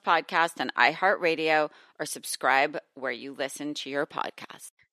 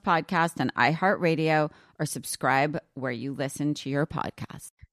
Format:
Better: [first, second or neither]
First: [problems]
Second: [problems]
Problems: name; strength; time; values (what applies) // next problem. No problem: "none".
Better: second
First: thin; somewhat; fading below 450 Hz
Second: none